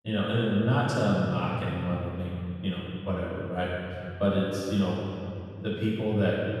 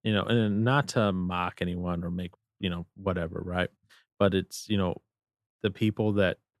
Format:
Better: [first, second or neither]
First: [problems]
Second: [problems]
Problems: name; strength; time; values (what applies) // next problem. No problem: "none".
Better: second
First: room echo; strong; dies away in 2.6 s // off-mic speech; far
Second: none